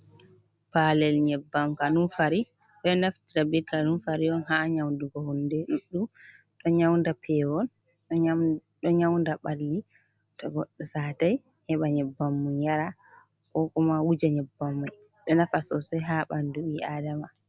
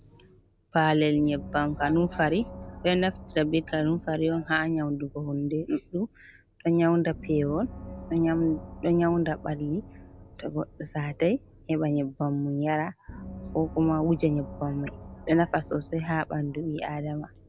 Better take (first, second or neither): first